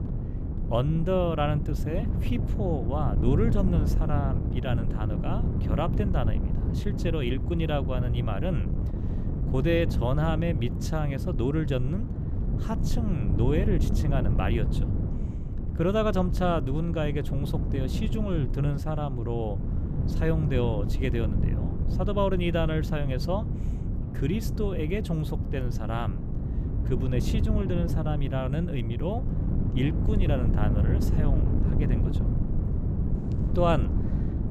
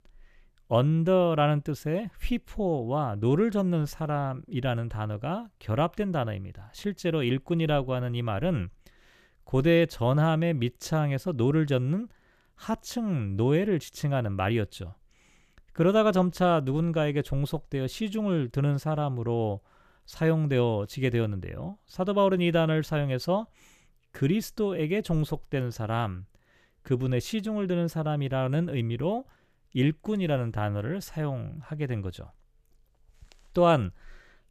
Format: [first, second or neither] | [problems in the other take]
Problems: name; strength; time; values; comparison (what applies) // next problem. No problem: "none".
second | wind noise on the microphone; heavy; 7 dB below the speech